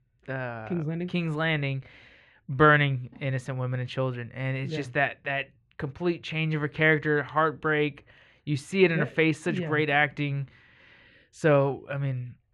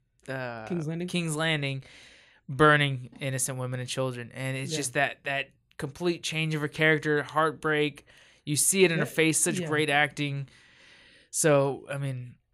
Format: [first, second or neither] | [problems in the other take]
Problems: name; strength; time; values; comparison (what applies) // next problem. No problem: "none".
second | muffled; very; fading above 2 kHz